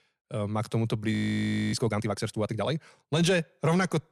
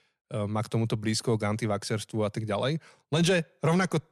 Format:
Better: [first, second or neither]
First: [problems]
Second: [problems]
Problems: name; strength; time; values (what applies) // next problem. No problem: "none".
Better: second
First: audio freezing; at 1 s for 0.5 s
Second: none